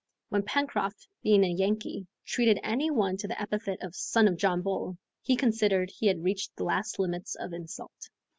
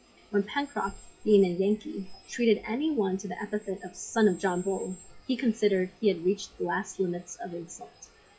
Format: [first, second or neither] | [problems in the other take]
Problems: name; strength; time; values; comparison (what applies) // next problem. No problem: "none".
first | noise reduction (classical method WPE with log-MMSE)